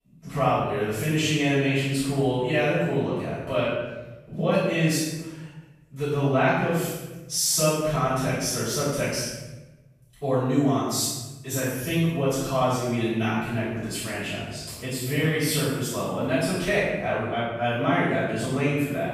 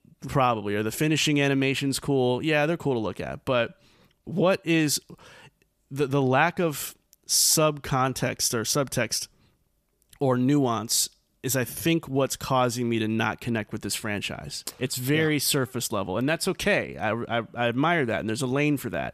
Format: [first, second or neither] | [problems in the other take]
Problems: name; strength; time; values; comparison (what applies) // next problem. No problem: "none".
second | off-mic speech; far // room echo; strong; dies away in 1 s